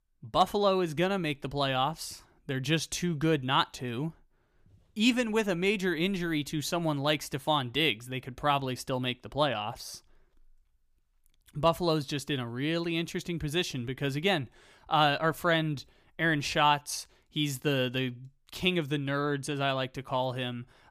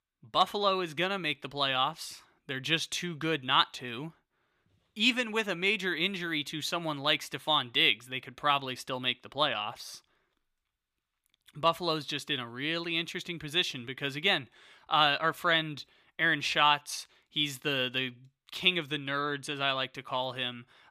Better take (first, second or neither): first